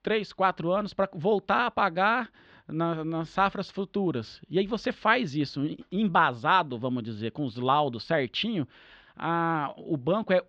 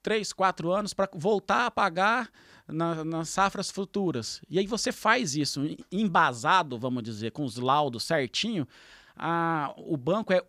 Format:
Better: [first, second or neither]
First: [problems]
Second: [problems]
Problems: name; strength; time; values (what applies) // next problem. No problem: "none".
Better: second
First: muffled; slightly; fading above 3.5 kHz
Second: none